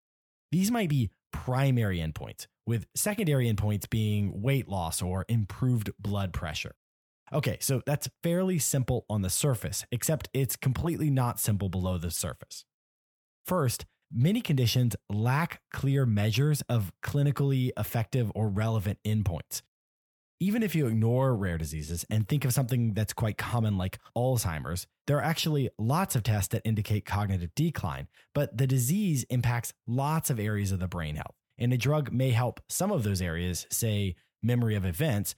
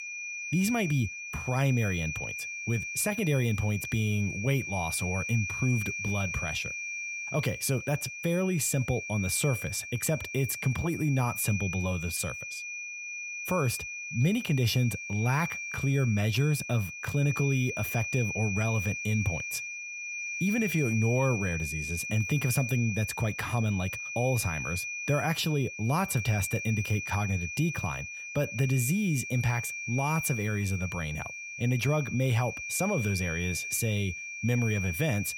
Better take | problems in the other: first | high-pitched whine; loud; throughout; 2.5 kHz, 5 dB below the speech

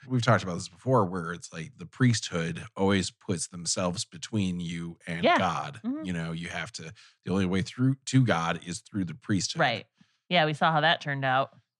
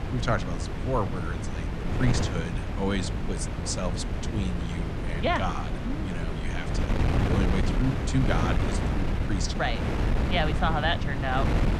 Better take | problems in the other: first | wind noise on the microphone; heavy; 4 dB below the speech

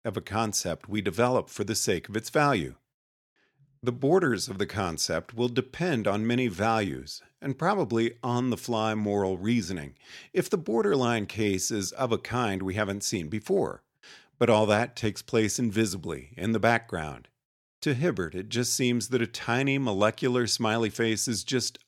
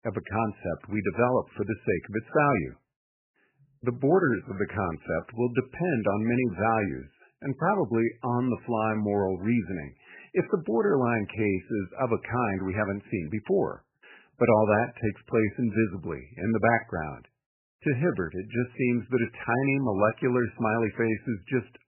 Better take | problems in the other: first | garbled, watery; badly; nothing above 2.5 kHz

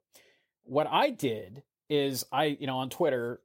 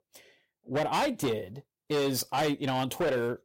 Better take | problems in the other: first | distortion; heavy; 15% of the sound clipped

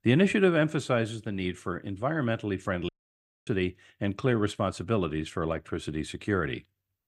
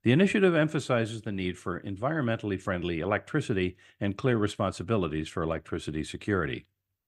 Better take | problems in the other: second | audio cutting out; at 3 s for 0.5 s

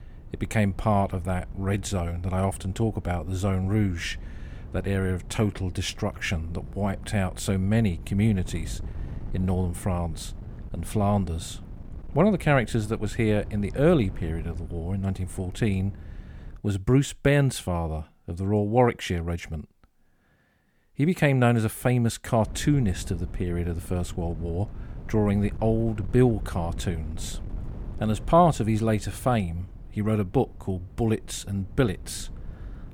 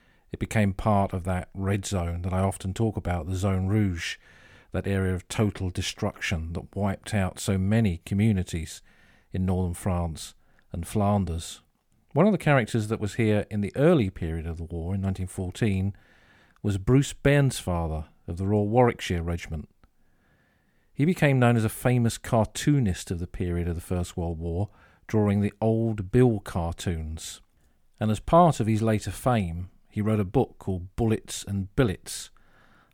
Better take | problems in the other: second | wind noise on the microphone; occasional gusts; until 17 s and from 22 s on; 25 dB below the speech

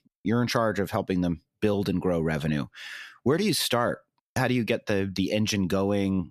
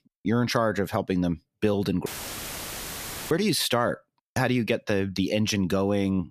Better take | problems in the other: first | audio cutting out; filled with static; at 2 s for 1.5 s

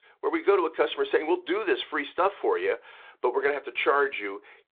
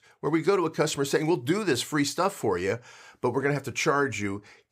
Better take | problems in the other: second | phone-call audio

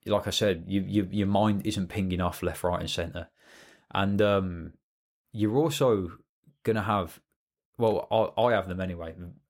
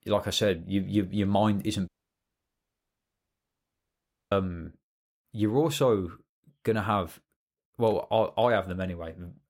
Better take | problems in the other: first | audio cutting out; at 2 s for 2.5 s

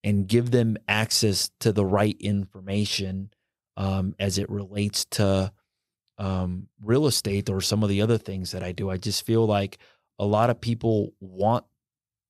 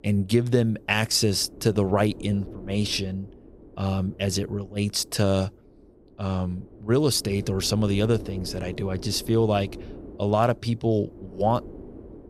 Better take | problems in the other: first | wind noise on the microphone; occasional gusts; 20 dB below the speech

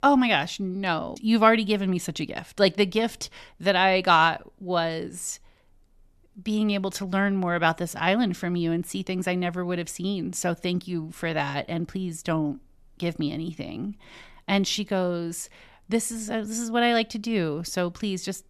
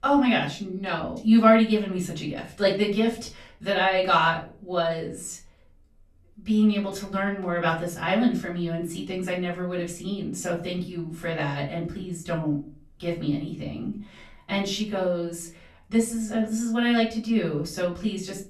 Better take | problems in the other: first | off-mic speech; far // room echo; slight; dies away in 0.3 s

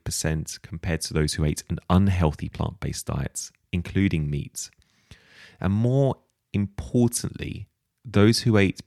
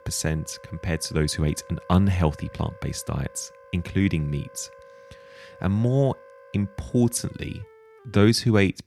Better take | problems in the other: first | background music; faint; throughout; 25 dB below the speech

